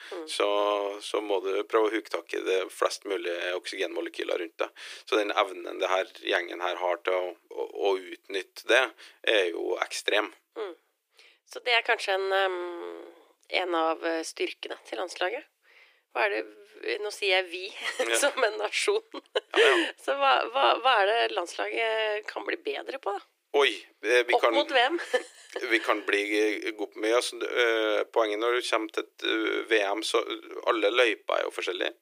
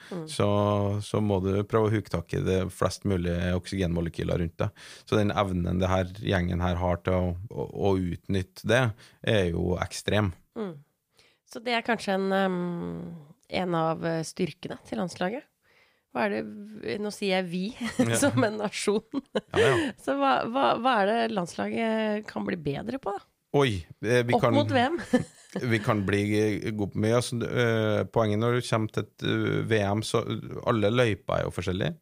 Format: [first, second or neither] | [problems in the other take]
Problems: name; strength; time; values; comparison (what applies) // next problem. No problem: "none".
second | thin; very; fading below 350 Hz